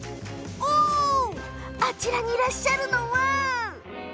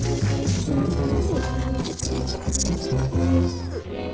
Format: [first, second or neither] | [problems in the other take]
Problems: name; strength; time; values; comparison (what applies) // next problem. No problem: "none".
first | noise reduction (neural separator model SepFormer DNS4)